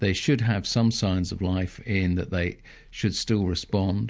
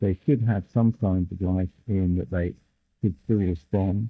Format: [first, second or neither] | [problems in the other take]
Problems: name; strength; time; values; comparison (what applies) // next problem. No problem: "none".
first | noise reduction (neural mask model DeepFilterNet 3)